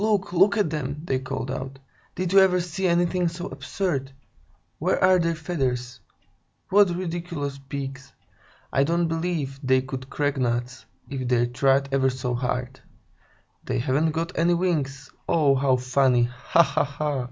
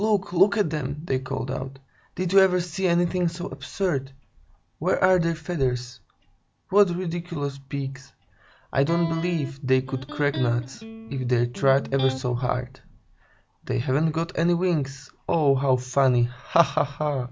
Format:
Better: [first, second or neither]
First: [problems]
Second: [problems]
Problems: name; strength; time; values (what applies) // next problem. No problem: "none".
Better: first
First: none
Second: background sound (Electric guitar); 12 dB below the speech